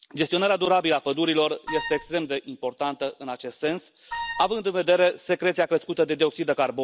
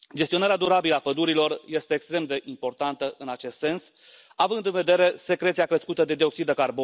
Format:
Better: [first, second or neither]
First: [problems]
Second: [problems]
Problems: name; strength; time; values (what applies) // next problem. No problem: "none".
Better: second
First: background sound (Wind instrument, woodwind instrument); 9 dB below the speech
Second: none